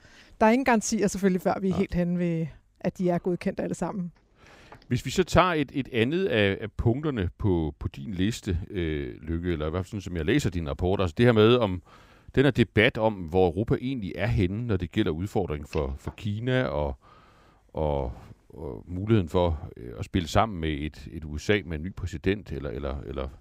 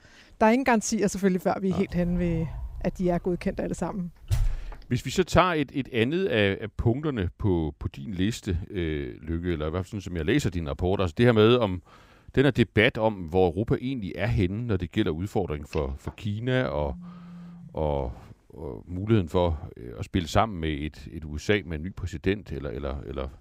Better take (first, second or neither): first